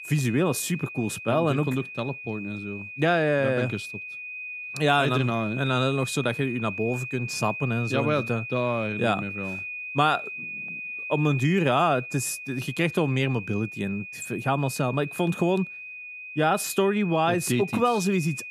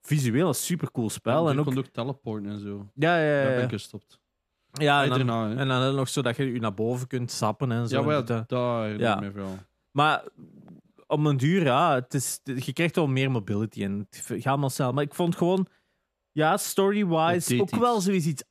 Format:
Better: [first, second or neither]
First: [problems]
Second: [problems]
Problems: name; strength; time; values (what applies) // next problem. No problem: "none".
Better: second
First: high-pitched whine; loud; throughout; 2.5 kHz, 9 dB below the speech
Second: none